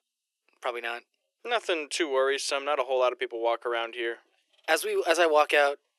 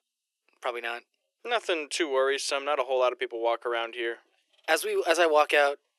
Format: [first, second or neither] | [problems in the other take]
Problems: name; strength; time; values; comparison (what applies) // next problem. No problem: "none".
neither | thin; very; fading below 350 Hz; the same in both